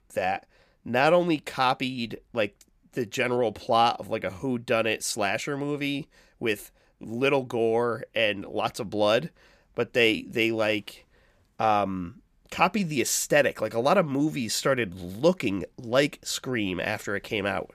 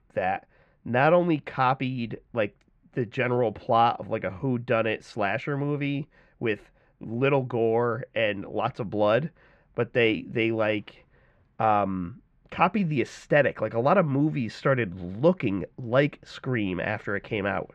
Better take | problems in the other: first | muffled; very; fading above 2 kHz

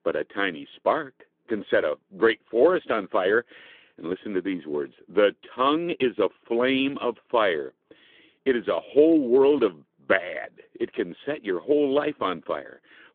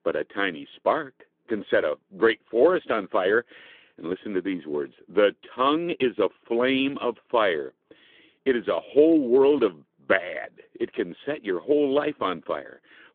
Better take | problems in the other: neither | phone-call audio; nothing above 3.5 kHz; the same in both

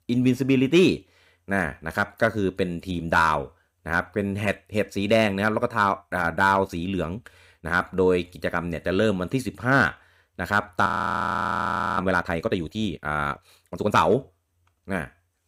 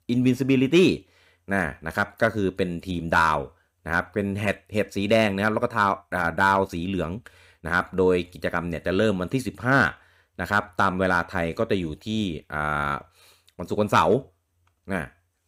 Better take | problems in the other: second | audio freezing; at 11 s for 1 s

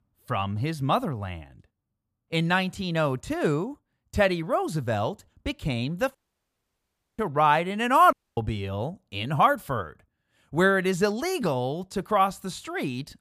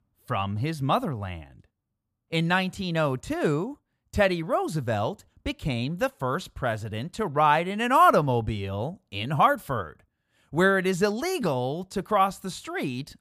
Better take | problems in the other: second | audio cutting out; at 6 s for 1 s and at 8 s

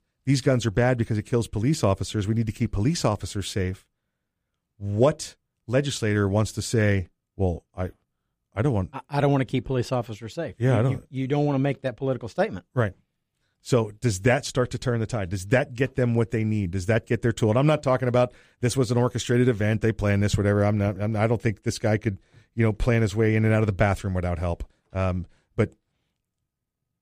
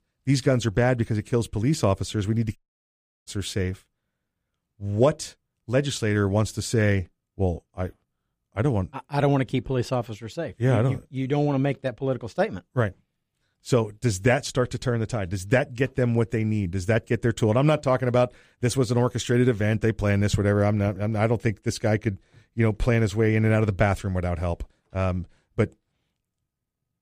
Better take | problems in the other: first | audio cutting out; at 2.5 s for 0.5 s

